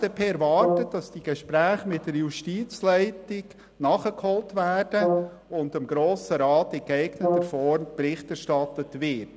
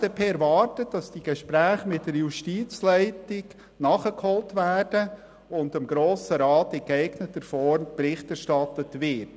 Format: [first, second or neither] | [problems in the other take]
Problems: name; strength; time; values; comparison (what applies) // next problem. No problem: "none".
second | background sound (Brass instrument); 5 dB below the speech